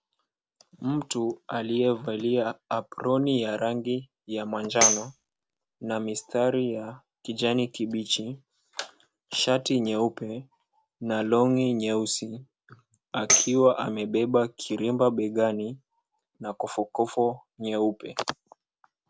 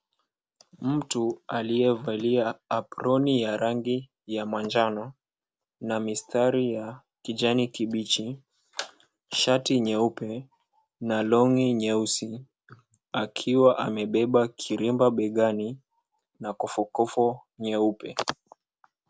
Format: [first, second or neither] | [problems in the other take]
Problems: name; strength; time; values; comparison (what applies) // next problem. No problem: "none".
second | background sound (Tambourine); 1 dB below the speech